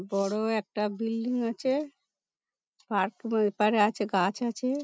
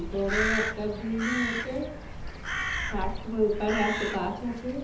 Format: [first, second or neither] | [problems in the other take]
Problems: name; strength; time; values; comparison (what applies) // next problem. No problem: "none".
first | background sound (Crow); 2 dB below the speech // room echo; dies away in 1.2 s